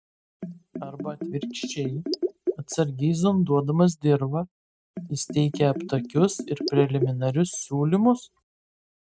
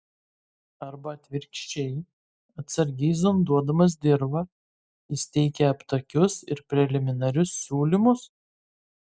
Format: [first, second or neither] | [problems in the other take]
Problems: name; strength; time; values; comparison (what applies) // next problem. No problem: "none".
second | noise reduction (neural mask model RNNoise)